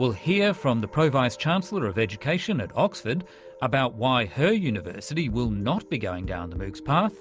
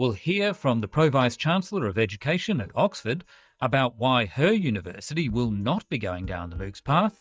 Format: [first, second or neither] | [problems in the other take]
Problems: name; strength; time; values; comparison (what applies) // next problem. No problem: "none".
first | noise reduction (neural mask model DeepFilterNet 3)